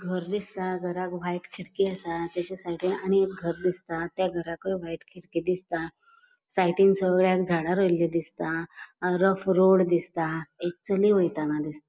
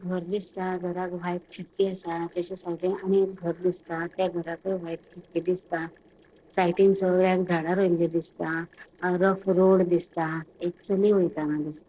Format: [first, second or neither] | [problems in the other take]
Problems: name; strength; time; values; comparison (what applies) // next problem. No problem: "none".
first | noise reduction (neural separator model SepFormer DNS4)